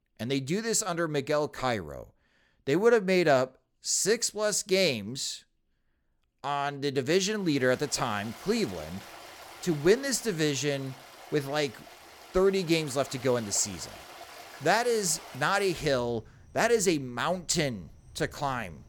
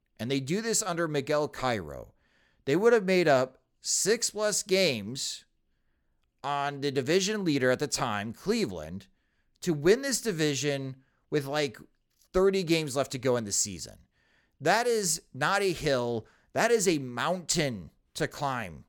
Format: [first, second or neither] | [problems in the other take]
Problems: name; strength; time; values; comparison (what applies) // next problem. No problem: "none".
second | rain or running water; noticeable; from 7.5 s on; 20 dB below the speech